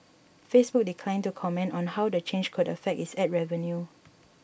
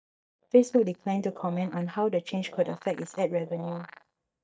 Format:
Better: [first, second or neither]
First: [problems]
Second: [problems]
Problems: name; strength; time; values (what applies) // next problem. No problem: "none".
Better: first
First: none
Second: noise reduction (neural mask model DeepFilterNet 3)